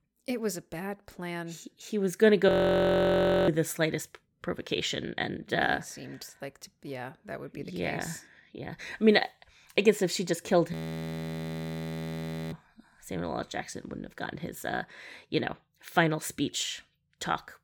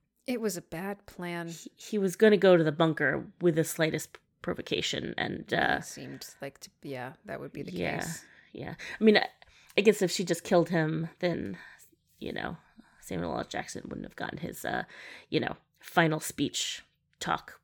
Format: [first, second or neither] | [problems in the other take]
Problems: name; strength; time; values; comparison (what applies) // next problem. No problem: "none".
second | audio freezing; at 2.5 s for 1 s and at 11 s for 2 s